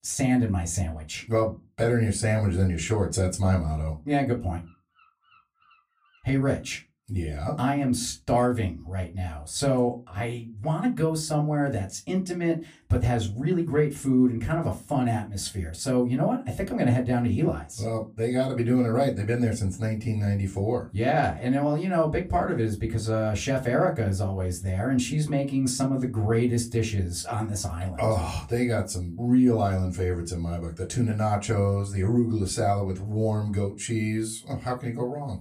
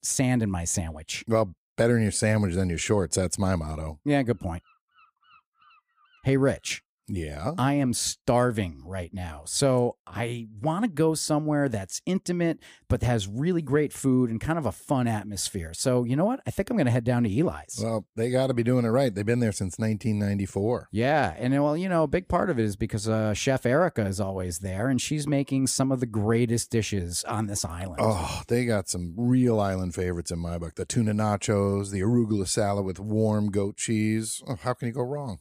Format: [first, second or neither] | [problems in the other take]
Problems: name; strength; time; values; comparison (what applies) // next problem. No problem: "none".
second | off-mic speech; far // room echo; very slight; dies away in 0.2 s